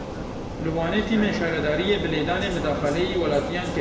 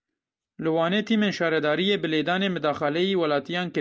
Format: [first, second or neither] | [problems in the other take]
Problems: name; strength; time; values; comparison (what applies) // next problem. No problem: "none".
second | background sound (Vehicle); 5 dB below the speech // room echo; dies away in 1.1 s